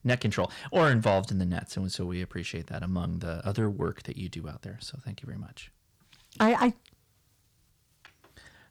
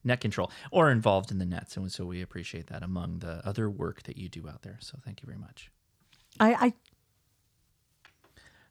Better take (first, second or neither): second